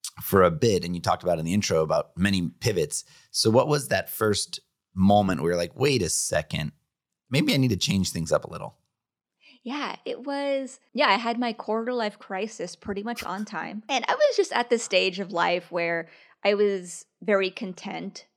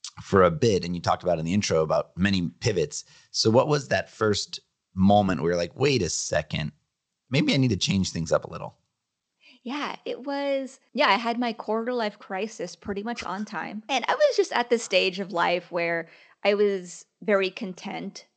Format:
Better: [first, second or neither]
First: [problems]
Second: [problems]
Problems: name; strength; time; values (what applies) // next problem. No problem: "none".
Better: first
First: none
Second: garbled, watery; slightly; nothing above 7.5 kHz